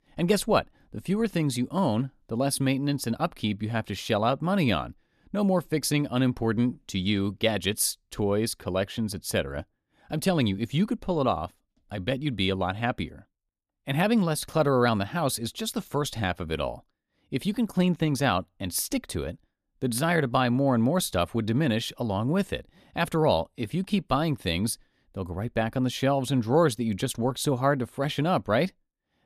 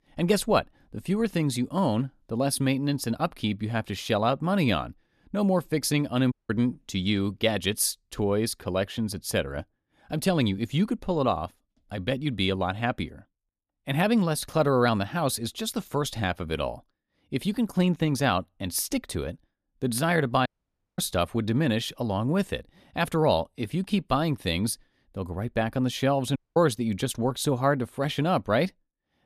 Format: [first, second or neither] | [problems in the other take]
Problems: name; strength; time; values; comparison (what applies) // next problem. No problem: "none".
first | audio cutting out; at 6.5 s, at 20 s for 0.5 s and at 26 s